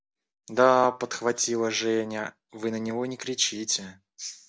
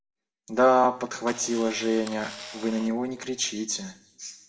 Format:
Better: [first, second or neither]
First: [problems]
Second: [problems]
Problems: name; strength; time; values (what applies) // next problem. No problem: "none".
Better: first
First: none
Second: background sound (Camera); 17 dB below the speech // room echo; dies away in 0.8 s